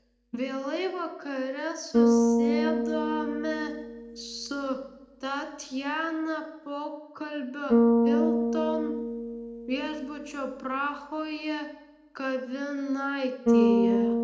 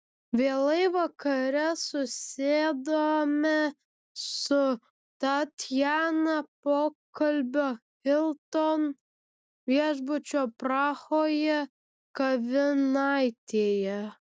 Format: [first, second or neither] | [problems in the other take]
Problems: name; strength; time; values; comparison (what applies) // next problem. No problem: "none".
second | background sound (Bass guitar); 4 dB above the speech // room echo; dies away in 0.7 s